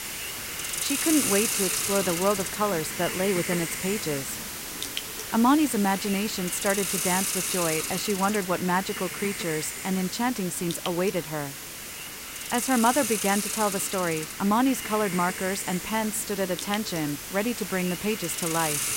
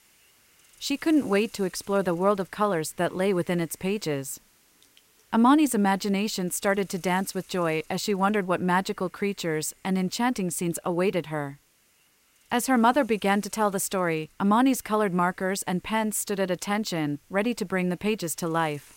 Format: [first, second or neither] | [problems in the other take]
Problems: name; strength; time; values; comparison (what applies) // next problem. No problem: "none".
second | hiss; loud; throughout; 3 dB below the speech; faint in the second